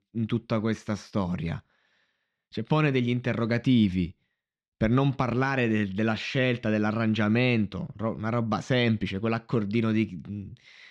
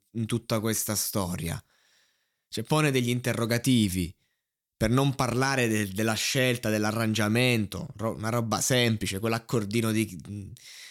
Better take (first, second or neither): second